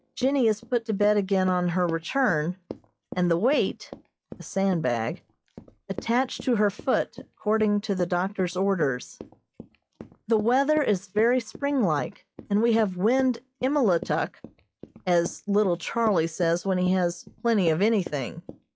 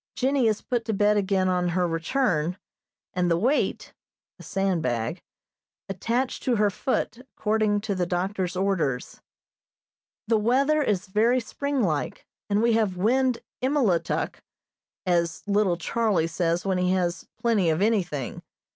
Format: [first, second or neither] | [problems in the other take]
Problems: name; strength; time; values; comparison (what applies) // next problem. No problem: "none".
second | noise reduction (classical method log-MMSE)